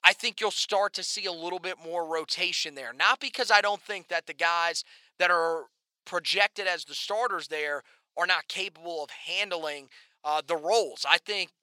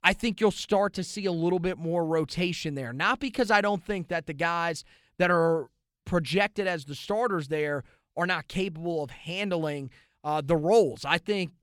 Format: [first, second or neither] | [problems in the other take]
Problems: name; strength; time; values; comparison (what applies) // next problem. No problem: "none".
second | thin; very; fading below 750 Hz